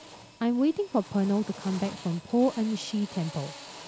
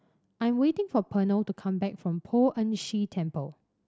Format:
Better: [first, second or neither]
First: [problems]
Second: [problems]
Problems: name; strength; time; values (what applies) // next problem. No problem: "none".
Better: second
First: background sound (Drill); 16 dB below the speech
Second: none